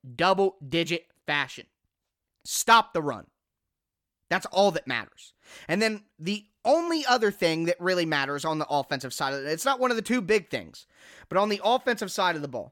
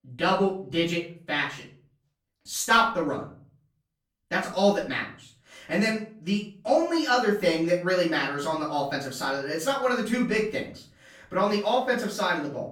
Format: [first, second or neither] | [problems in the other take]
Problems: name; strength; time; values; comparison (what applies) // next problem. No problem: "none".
first | off-mic speech; far // room echo; slight; dies away in 0.4 s